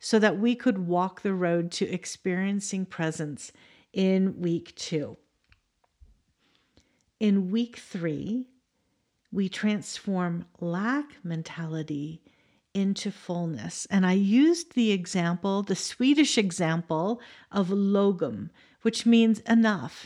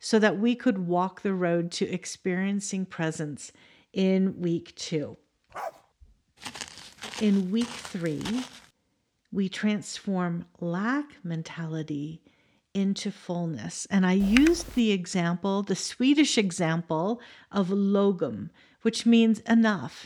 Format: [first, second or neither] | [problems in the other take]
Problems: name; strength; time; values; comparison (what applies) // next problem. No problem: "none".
first | dog barking; faint; at 5.5 s; peak 10 dB below the speech // footsteps; faint; from 6.5 to 8.5 s; peak 10 dB below the speech // keyboard typing; noticeable; at 14 s; peak 2 dB below the speech